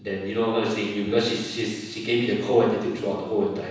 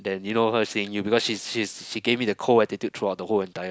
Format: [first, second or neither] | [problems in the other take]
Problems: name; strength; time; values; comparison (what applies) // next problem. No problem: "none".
second | room echo; dies away in 1.1 s